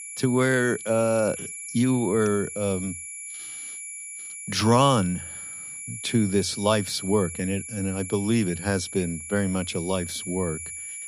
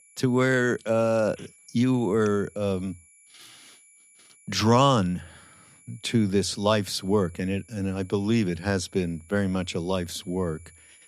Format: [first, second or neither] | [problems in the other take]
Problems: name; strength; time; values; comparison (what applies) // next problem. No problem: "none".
second | high-pitched whine; loud; throughout; 11 kHz, 9 dB below the speech; faint in the second